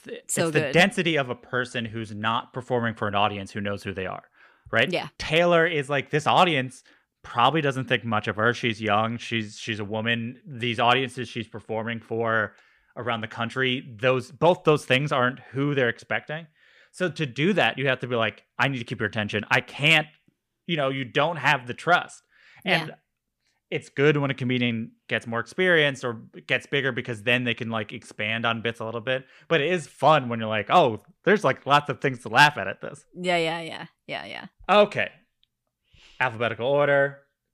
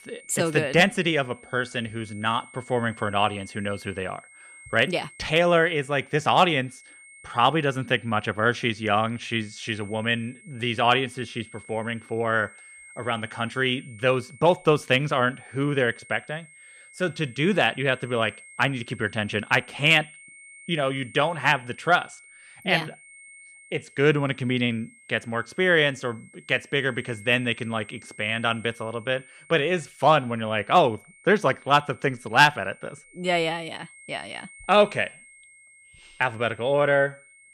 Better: first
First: none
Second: high-pitched whine; faint; throughout; 2 kHz, 25 dB below the speech

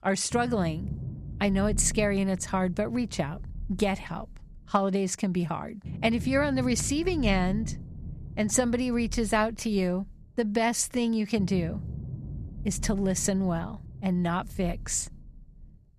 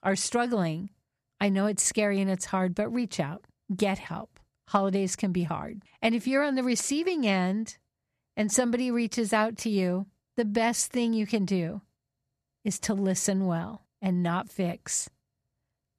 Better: second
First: low rumble; faint; throughout; 20 dB below the speech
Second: none

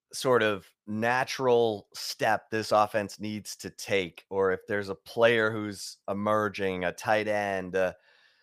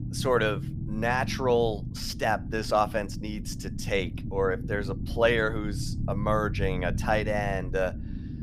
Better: first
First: none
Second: low rumble; noticeable; throughout; 15 dB below the speech

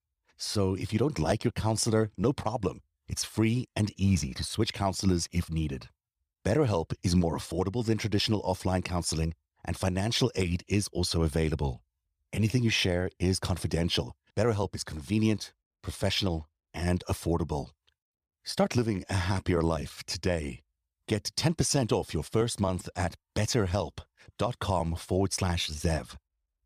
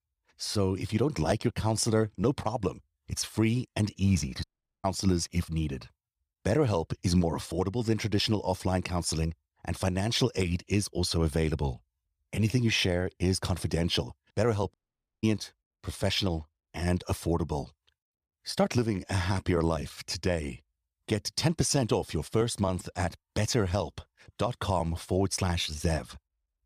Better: first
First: none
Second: audio cutting out; at 4.5 s and at 15 s

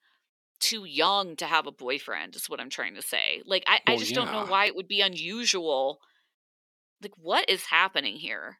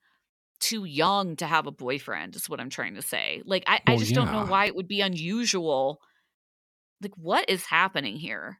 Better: second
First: thin; somewhat; fading below 350 Hz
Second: none

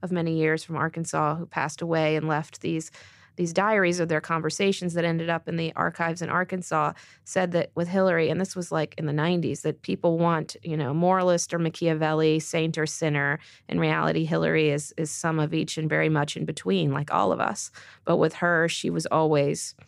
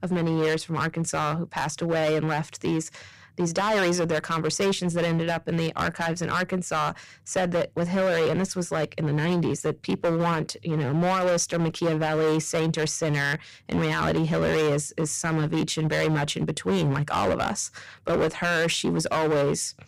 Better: first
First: none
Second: distortion; heavy; 14% of the sound clipped

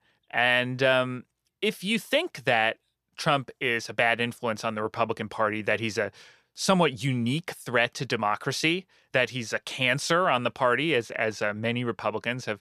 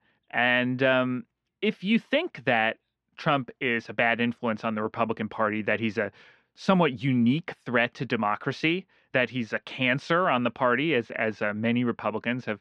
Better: first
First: none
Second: muffled; slightly; fading above 2.5 kHz

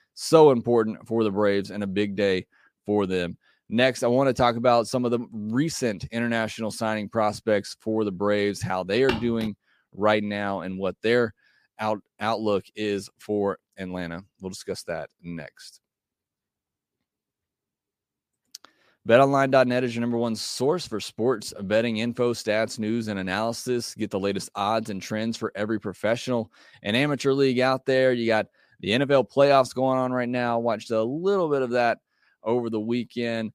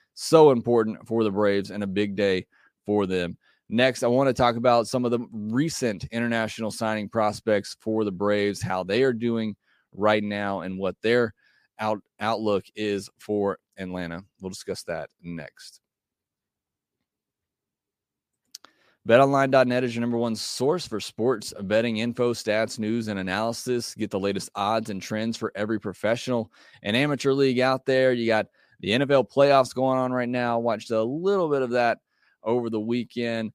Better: second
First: footsteps; noticeable; at 9 s; peak 7 dB below the speech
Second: none

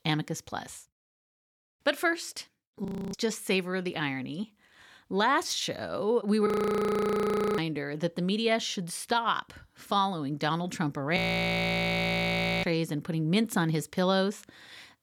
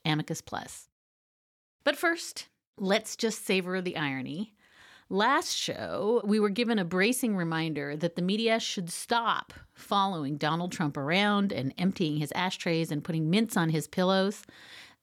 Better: second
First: audio freezing; at 3 s, at 6.5 s for 1 s and at 11 s for 1.5 s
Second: none

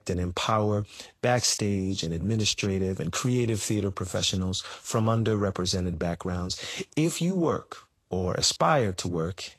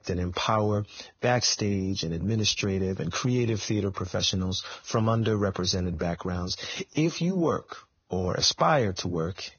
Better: first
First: garbled, watery; slightly; nothing above 12.5 kHz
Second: garbled, watery; badly; nothing above 6.5 kHz

